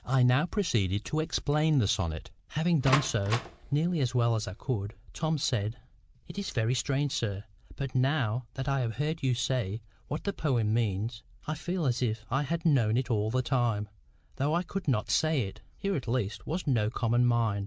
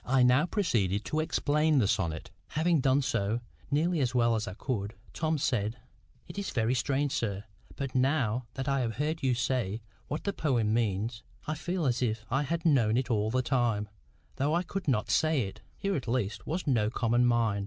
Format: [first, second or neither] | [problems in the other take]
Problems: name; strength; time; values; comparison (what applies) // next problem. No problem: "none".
second | background sound (Door); 8 dB below the speech